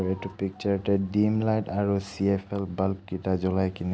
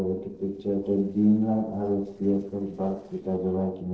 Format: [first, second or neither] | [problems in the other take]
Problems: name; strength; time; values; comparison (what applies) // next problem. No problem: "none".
first | noise reduction (neural separator model SepFormer DNS4)